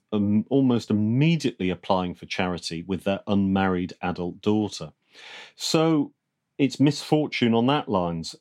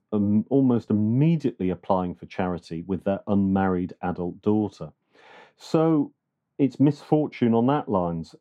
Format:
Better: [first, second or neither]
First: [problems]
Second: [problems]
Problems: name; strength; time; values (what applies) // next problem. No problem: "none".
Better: first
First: none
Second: muffled; very; fading above 1.5 kHz